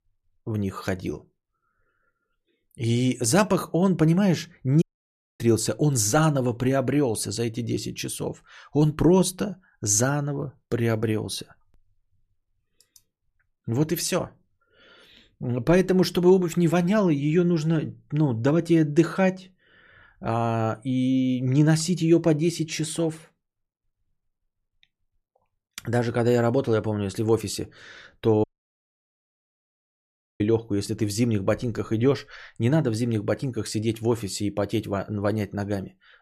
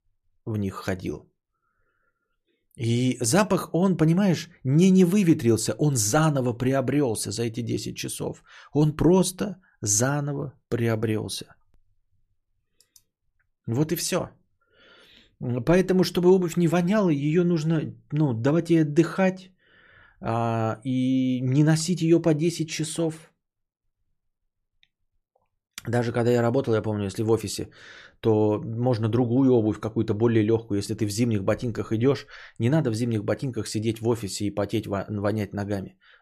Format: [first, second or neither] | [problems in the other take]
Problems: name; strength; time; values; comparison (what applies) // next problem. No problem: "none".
second | audio cutting out; at 5 s for 0.5 s and at 28 s for 2 s